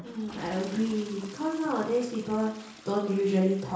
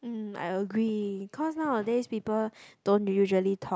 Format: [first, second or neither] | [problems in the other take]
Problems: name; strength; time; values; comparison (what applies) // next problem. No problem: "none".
second | background sound (Toilet flush / Water); 18 dB below the speech // room echo; dies away in 0.6 s